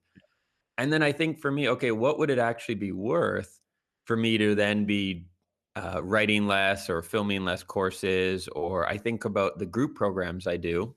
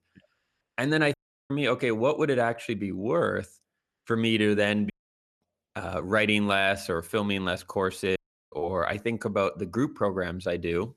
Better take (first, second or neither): first